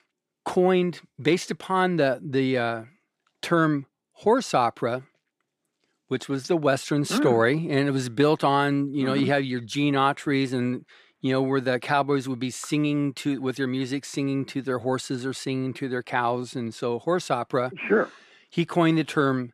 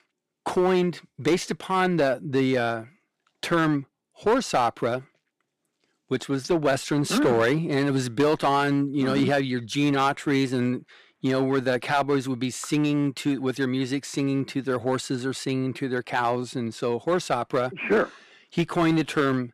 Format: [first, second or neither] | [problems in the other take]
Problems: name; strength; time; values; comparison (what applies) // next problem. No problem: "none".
first | distortion; slight; 4% of the sound clipped